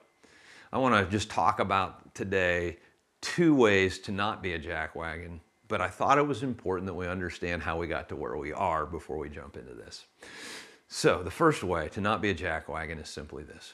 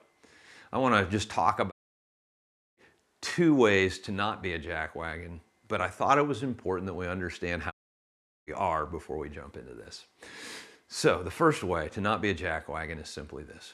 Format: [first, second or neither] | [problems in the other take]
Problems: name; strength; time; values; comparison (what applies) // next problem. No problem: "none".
first | audio cutting out; at 1.5 s for 1 s and at 7.5 s for 0.5 s